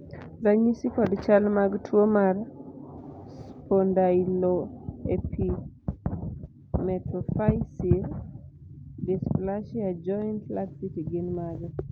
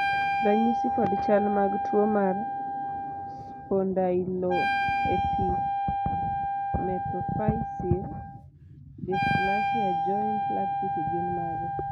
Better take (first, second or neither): first